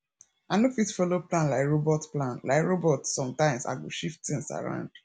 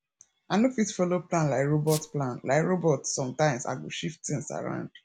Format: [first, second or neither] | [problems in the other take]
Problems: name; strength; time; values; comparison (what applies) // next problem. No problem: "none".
first | background sound (Squeak); 12 dB below the speech